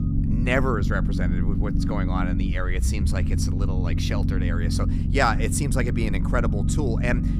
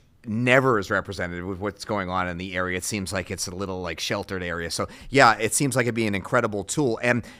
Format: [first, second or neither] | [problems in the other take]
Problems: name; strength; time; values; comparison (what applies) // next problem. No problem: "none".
second | low rumble; loud; throughout; 7 dB below the speech